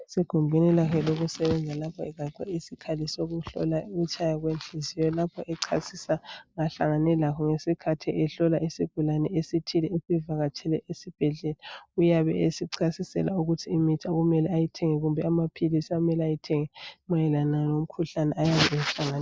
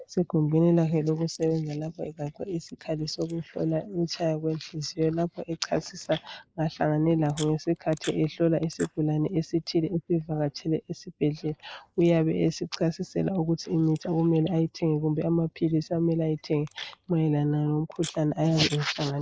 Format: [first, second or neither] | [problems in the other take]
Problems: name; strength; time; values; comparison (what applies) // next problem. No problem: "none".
first | noise reduction (neural mask model Resemble Enhance denoiser)